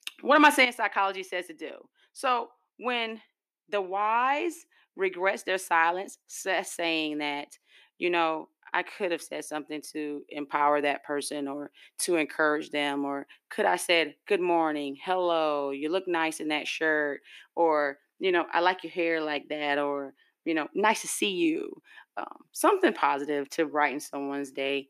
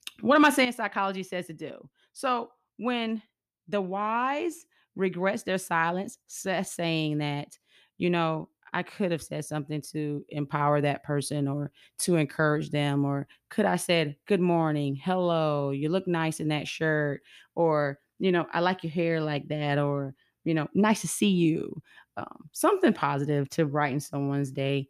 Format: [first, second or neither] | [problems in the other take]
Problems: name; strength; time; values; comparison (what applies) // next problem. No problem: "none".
second | thin; somewhat; fading below 300 Hz